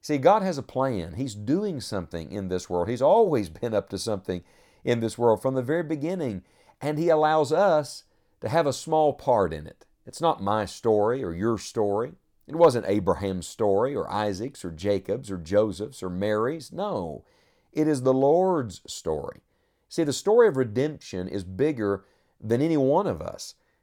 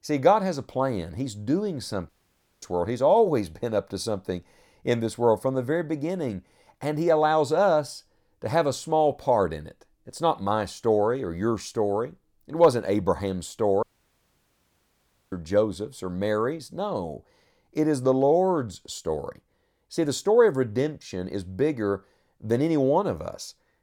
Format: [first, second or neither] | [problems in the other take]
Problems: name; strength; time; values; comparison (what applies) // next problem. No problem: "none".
first | audio cutting out; at 2 s for 0.5 s and at 14 s for 1.5 s